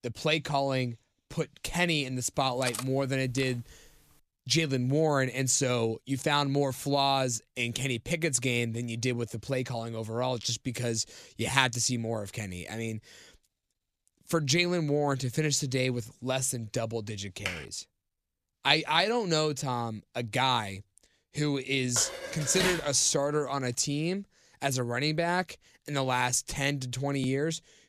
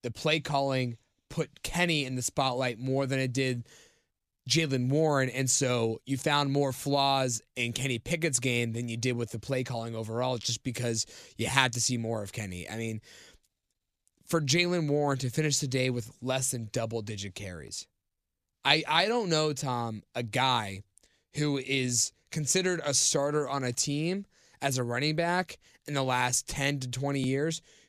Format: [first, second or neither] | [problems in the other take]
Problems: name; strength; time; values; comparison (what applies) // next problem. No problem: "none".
second | clattering dishes; noticeable; from 2.5 to 3.5 s and at 22 s; peak 1 dB below the speech // keyboard typing; noticeable; at 17 s; peak 7 dB below the speech